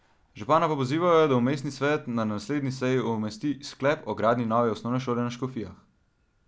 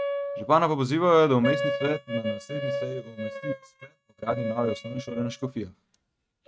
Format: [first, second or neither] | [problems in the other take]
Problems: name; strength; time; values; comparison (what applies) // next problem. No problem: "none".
first | noise reduction (neural mask model RNNoise)